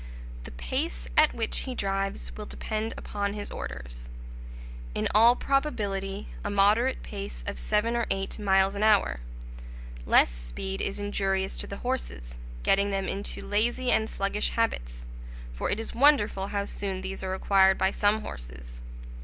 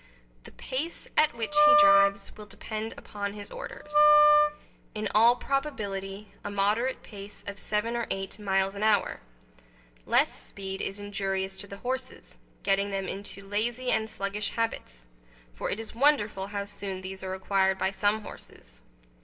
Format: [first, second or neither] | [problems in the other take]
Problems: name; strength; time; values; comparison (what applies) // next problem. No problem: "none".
first | noise reduction (neural separator model SepFormer DNS4)